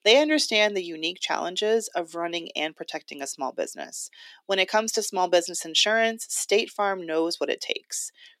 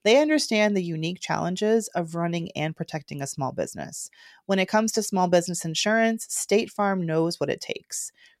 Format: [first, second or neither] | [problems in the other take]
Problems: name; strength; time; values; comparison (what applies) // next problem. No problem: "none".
second | thin; somewhat; fading below 250 Hz